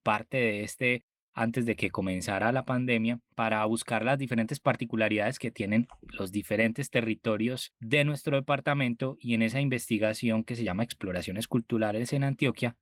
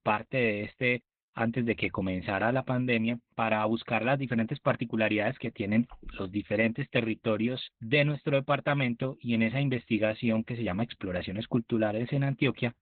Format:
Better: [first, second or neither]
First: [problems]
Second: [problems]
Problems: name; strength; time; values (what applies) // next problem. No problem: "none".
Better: first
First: garbled, watery; slightly; nothing above 16.5 kHz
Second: garbled, watery; badly; nothing above 4 kHz